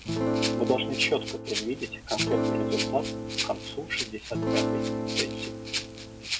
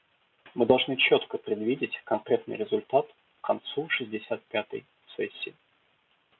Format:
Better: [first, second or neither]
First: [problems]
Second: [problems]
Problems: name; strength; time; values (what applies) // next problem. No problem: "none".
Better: second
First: background sound (Acoustic guitar / Strum + Rattle (instrument)); 3 dB above the speech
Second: none